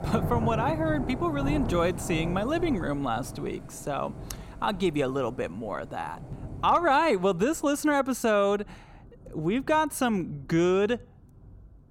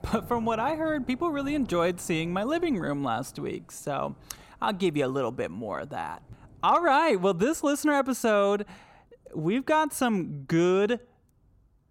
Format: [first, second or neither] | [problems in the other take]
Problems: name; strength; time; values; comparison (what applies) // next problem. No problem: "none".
second | rain or running water; loud; throughout; 9 dB below the speech; faint in the second